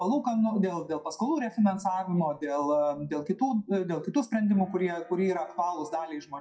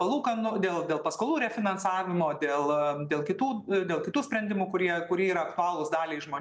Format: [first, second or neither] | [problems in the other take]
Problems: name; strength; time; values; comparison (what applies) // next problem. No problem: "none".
second | noise reduction (classical method WPE with log-MMSE)